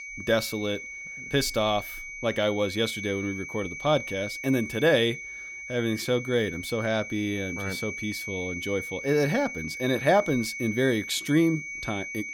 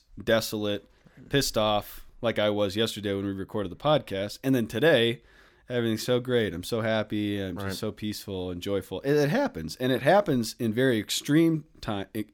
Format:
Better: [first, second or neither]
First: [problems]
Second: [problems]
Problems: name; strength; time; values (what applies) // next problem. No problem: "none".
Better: second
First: high-pitched whine; loud; throughout; 2 kHz, 8 dB below the speech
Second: none